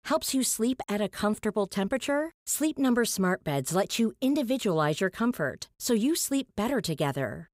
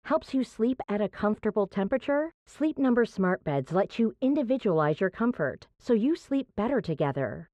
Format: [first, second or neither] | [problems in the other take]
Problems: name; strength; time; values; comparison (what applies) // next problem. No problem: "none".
first | muffled; very; fading above 2 kHz